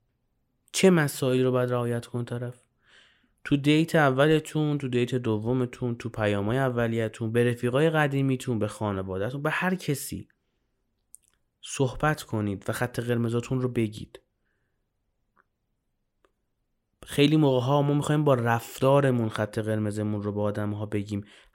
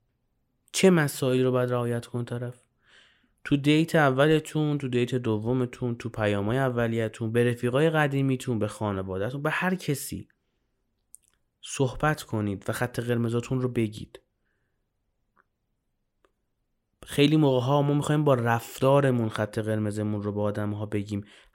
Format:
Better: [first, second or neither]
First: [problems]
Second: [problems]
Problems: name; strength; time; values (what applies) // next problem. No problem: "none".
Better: neither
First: none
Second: none